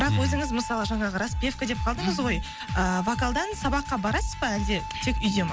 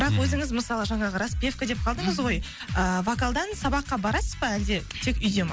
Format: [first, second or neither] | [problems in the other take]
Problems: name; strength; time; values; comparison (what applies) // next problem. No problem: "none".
second | background sound (Bowed string instrument); 13 dB below the speech